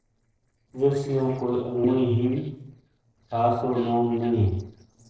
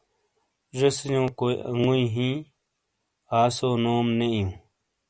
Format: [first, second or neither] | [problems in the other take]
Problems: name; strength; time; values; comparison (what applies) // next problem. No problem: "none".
second | noise reduction (neural separator model SepFormer DNS4)